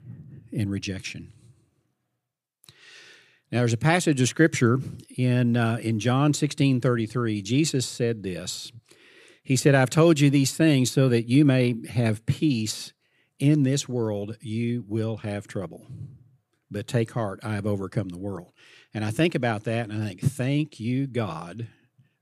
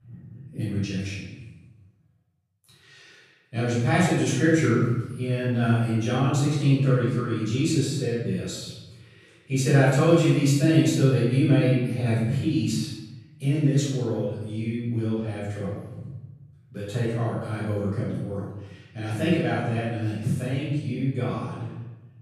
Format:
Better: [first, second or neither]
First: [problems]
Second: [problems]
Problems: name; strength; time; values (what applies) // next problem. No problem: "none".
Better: first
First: none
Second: off-mic speech; far // room echo; strong; dies away in 1 s